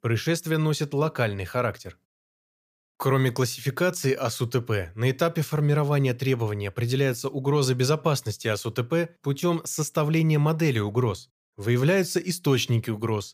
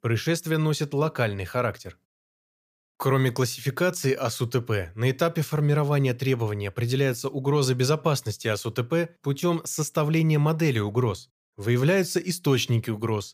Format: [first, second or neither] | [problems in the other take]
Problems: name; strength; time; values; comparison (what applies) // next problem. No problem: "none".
neither | none